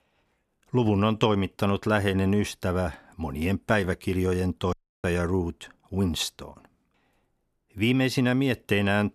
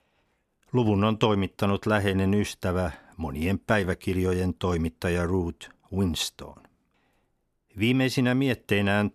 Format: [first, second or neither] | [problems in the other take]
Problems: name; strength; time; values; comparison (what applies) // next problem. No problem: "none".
second | audio cutting out; at 4.5 s